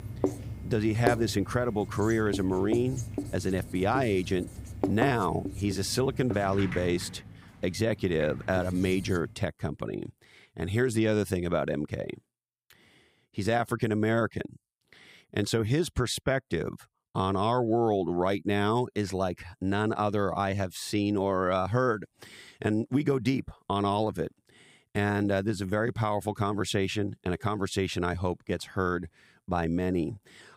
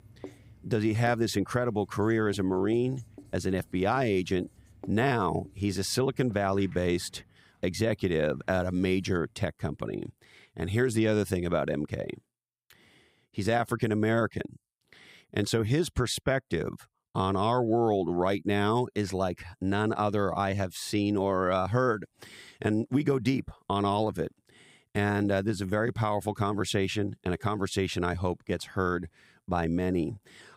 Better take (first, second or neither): second